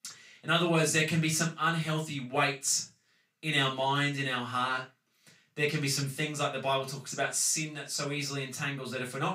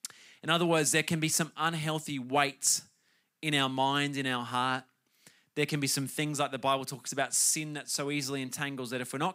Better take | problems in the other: second | room echo; slight; dies away in 0.2 s // off-mic speech; far

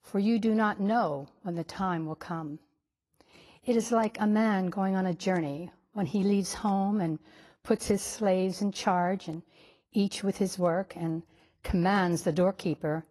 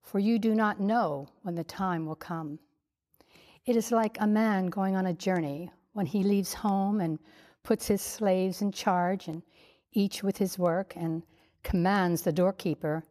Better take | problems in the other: second | garbled, watery; slightly; nothing above 11.5 kHz

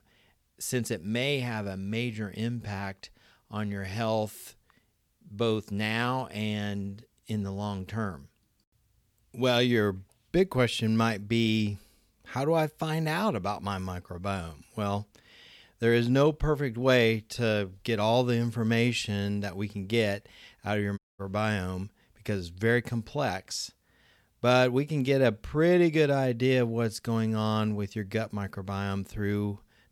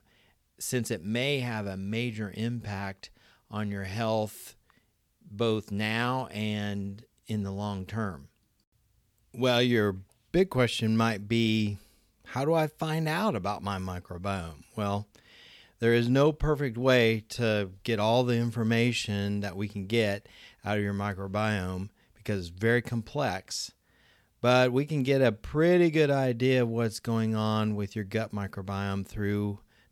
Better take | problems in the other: second | audio cutting out; at 21 s

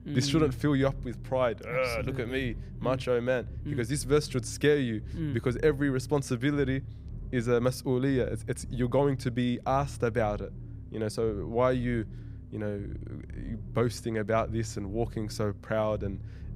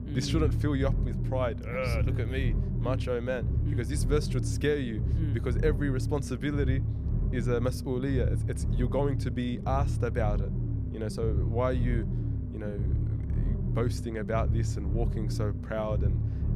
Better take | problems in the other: first | low rumble; loud; throughout; 9 dB below the speech; faint in the first

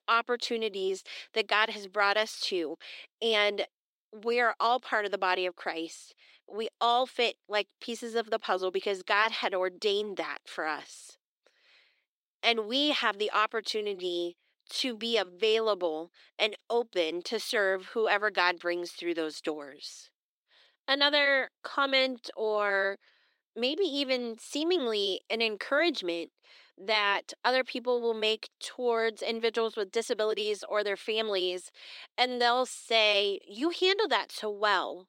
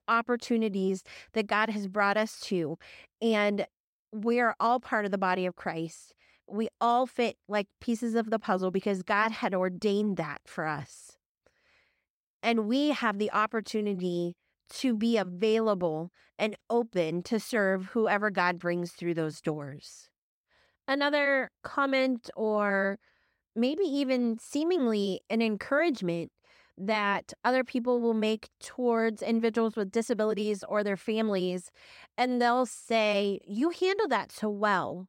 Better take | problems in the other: second | thin; somewhat; fading below 350 Hz

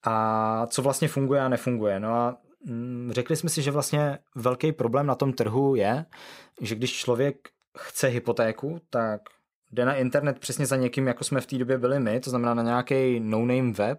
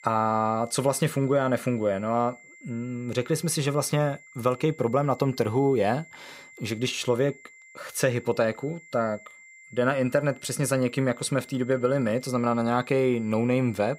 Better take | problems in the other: first | high-pitched whine; faint; throughout; 2 kHz, 20 dB below the speech

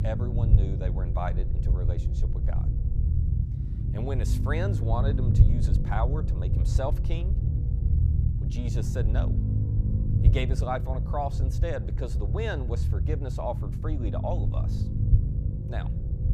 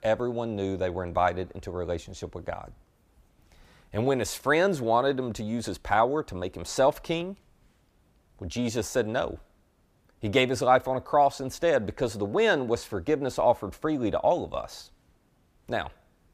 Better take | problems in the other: second | low rumble; loud; throughout; 5 dB below the speech

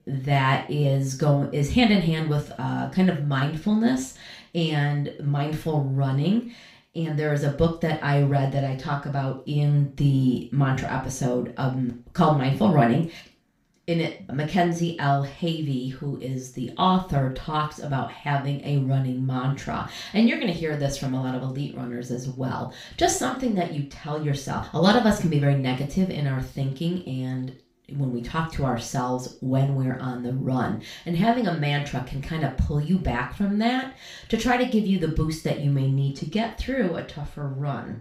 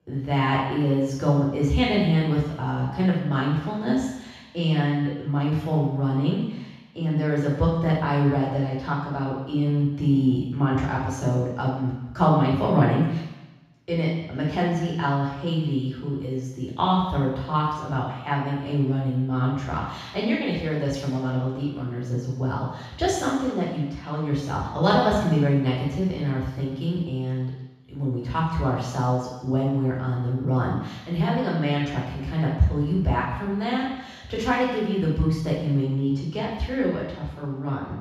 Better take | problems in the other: first | room echo; strong; dies away in 1.1 s; slight in the first // off-mic speech; far; far in the first

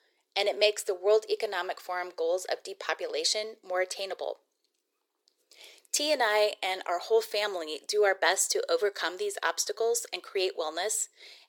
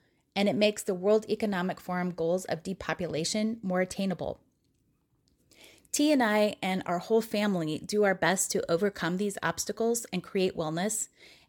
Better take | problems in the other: second | thin; very; fading below 400 Hz

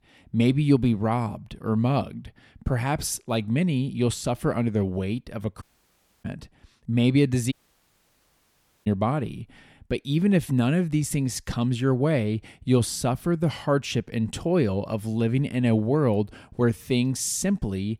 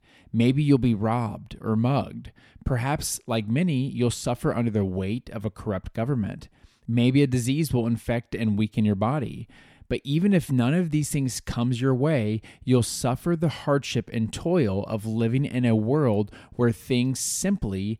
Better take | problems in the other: second | audio cutting out; at 5.5 s for 0.5 s and at 7.5 s for 1.5 s

